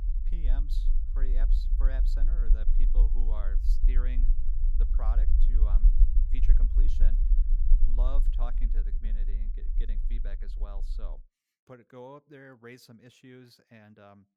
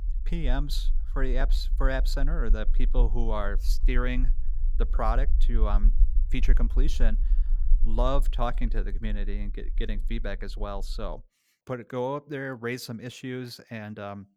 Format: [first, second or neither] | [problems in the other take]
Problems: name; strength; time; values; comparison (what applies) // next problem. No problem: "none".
second | low rumble; loud; until 11 s; 5 dB below the speech; faint in the second